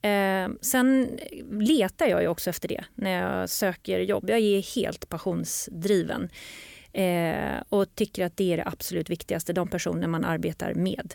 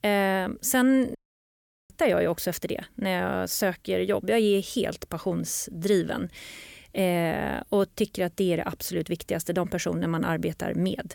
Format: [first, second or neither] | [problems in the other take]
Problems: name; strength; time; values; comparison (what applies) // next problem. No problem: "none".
first | audio cutting out; at 1 s for 1 s